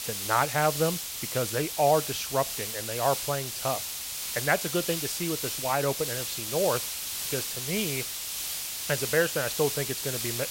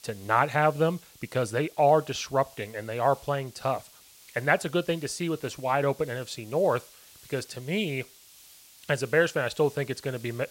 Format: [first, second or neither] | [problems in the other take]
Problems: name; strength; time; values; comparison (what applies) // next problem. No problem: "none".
second | hiss; loud; throughout; 2 dB below the speech; faint in the second